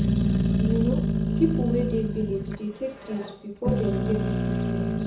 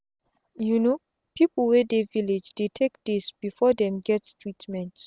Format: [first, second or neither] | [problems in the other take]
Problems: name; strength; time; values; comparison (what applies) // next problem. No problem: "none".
second | background sound (Growling); 5 dB above the speech // room echo; dies away in 0.6 s